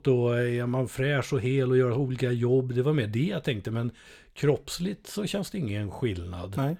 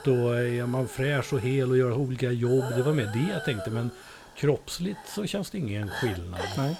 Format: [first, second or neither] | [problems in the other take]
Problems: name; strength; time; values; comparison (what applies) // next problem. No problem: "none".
first | hiss; noticeable; throughout; 10 dB below the speech